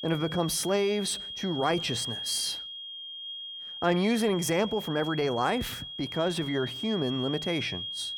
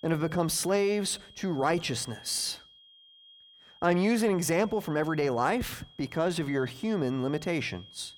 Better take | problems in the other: second | high-pitched whine; loud; throughout; 3.5 kHz, 7 dB below the speech; faint in the second

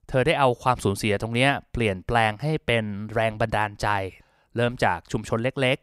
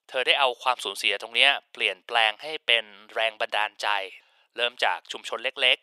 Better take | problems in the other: first | thin; very; fading below 550 Hz

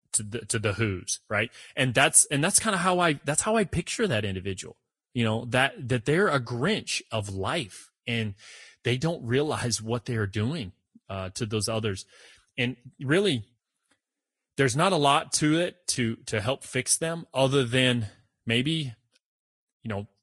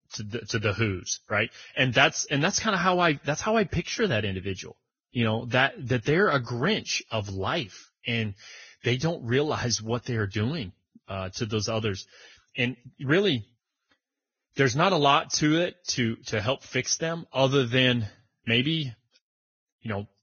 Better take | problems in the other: first | garbled, watery; badly; nothing above 6.5 kHz; slightly in the first

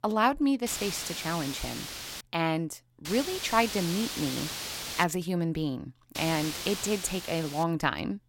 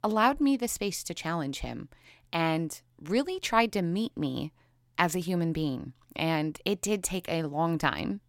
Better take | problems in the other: second | hiss; loud; from 0.5 to 2 s, from 3 to 5 s and from 6 to 7.5 s; 6 dB below the speech

